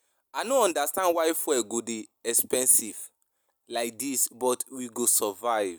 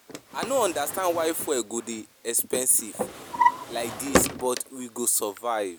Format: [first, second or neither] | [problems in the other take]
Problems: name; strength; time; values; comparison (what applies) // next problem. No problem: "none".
first | background sound (Drawer open or close); 3 dB below the speech